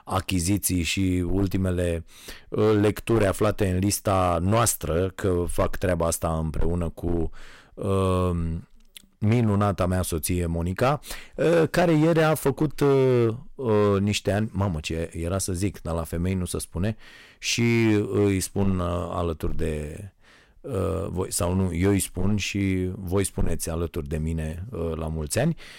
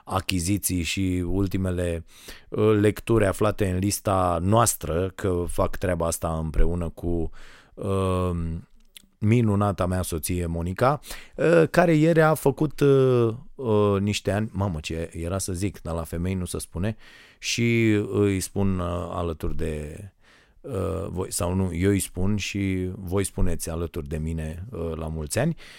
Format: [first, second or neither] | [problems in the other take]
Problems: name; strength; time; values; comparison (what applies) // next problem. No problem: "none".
second | distortion; slight; 5% of the sound clipped